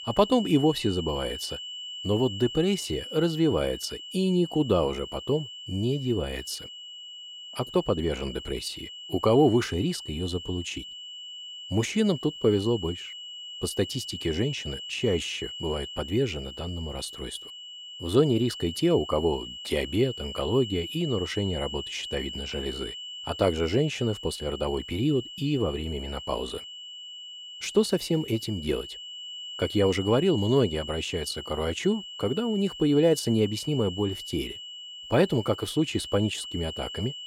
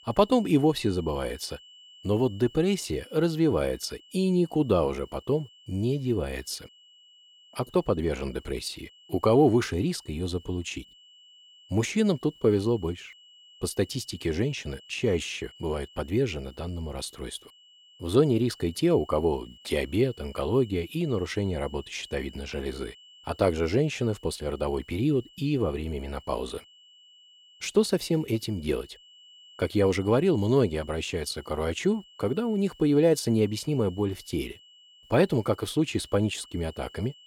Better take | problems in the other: second | high-pitched whine; loud; throughout; 3 kHz, 10 dB below the speech; faint in the second

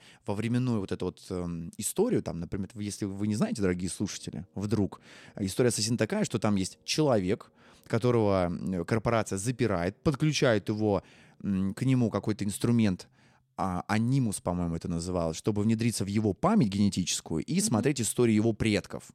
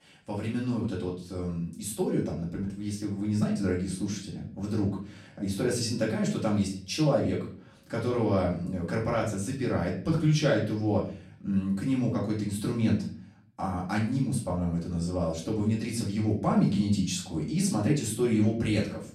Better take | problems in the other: first | off-mic speech; far // room echo; slight; dies away in 0.5 s

